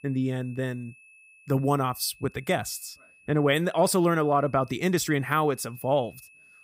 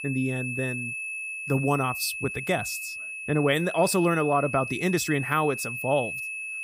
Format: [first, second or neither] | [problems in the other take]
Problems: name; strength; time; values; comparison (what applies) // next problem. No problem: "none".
first | high-pitched whine; loud; throughout; 2.5 kHz, 6 dB below the speech; faint in the first